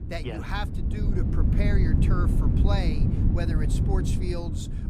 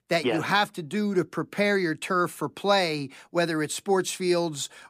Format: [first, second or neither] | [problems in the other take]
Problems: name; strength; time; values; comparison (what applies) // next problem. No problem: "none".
second | wind noise on the microphone; heavy; 1 dB below the speech